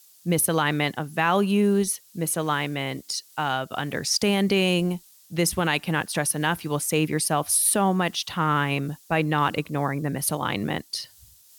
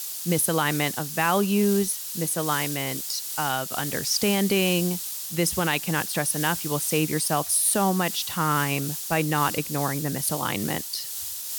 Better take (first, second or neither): first